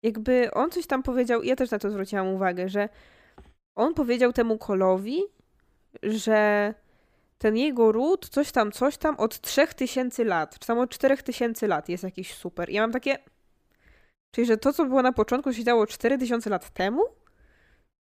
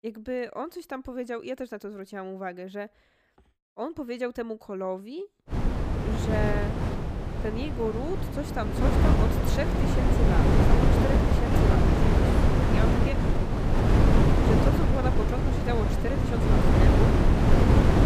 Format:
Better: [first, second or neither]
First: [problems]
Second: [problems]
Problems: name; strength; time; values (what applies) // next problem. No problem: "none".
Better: first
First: none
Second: wind noise on the microphone; heavy; from 5.5 s on; 5 dB above the speech